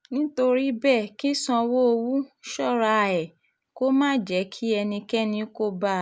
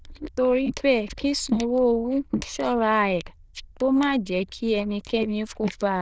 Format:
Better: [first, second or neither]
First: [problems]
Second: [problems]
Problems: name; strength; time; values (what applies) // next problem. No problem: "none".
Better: first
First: none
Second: noise reduction (neural diffusion model UNIVERSE++)